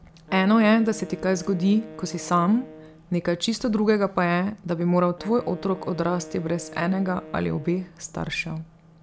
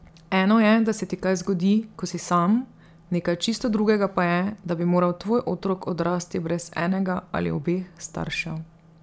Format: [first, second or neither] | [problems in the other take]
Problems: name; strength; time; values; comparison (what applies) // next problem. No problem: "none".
second | background sound (Wind instrument, woodwind instrument); 19 dB below the speech